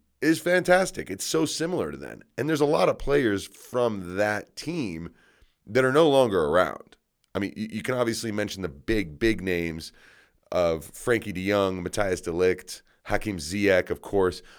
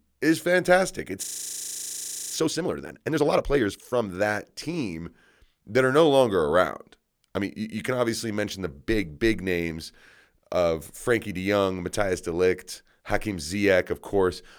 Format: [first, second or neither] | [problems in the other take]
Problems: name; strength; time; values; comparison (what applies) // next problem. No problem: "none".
first | audio freezing; at 1 s for 1 s